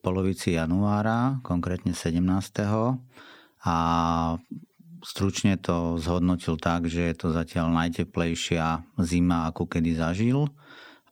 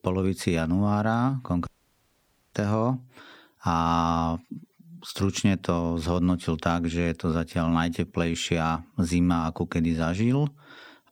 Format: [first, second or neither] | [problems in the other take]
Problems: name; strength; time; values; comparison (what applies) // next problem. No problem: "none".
first | audio cutting out; at 1.5 s for 1 s